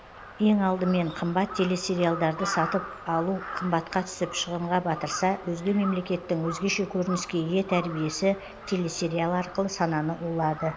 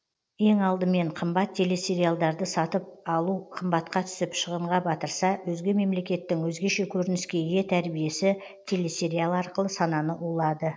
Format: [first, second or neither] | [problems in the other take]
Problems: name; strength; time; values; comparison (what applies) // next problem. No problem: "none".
second | background sound (Crow); 12 dB below the speech